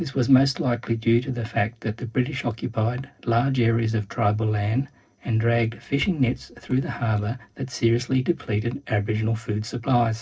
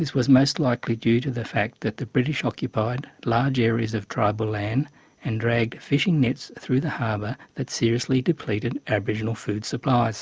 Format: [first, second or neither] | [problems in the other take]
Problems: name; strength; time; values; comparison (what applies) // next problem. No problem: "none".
second | noise reduction (neural separator model SepFormer DNS4)